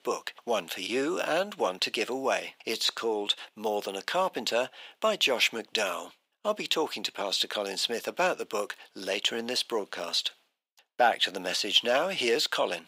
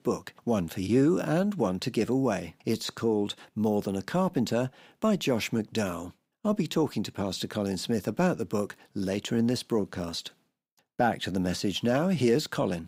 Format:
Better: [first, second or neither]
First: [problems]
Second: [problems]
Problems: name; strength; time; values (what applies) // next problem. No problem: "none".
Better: second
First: thin; very; fading below 600 Hz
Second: none